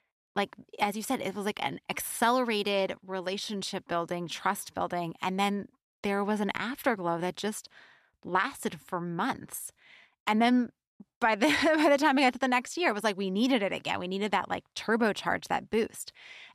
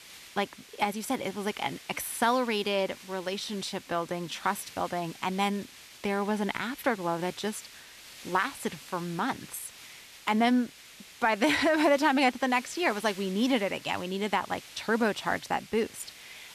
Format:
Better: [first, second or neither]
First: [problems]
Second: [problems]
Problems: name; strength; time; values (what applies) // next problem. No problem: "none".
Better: first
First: none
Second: hiss; noticeable; throughout; 15 dB below the speech